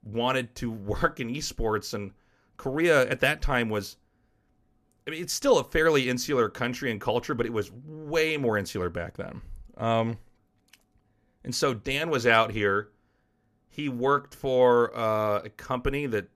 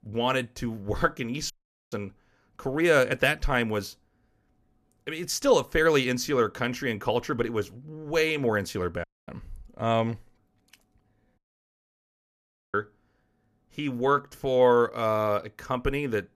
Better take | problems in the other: first | audio cutting out; at 1.5 s, at 9 s and at 11 s for 1.5 s

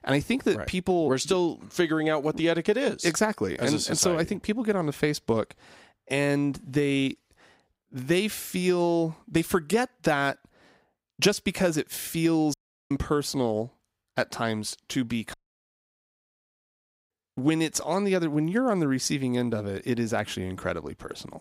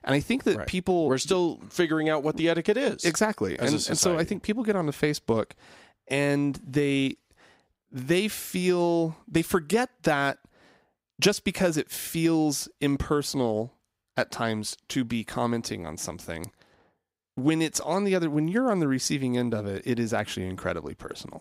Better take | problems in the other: second | audio cutting out; at 13 s and at 15 s for 2 s

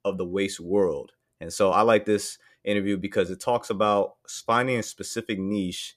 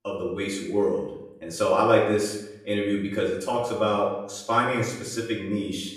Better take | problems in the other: first | room echo; noticeable; dies away in 0.7 s // off-mic speech; far

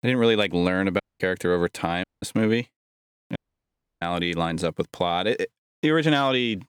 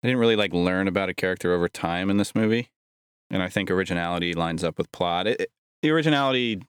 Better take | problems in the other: second | audio cutting out; at 1 s, at 2 s and at 3.5 s for 0.5 s

